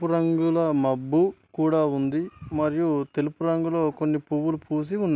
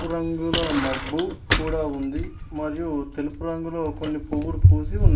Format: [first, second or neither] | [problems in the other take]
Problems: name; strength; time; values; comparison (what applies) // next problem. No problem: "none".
first | background sound (Bicycle); 4 dB above the speech // room echo; dies away in 0.3 s